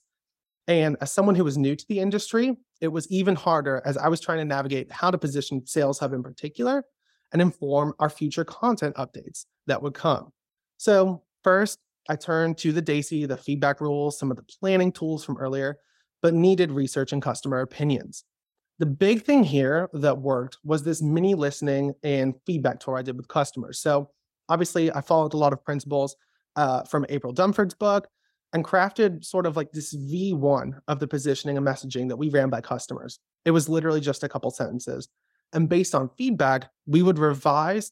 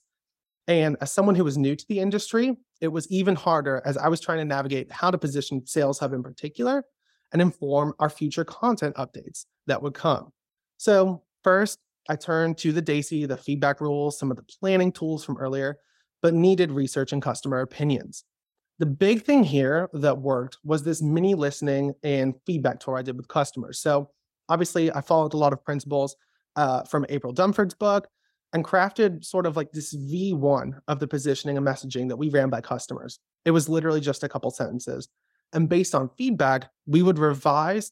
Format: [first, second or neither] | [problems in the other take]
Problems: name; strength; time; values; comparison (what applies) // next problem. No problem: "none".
neither | none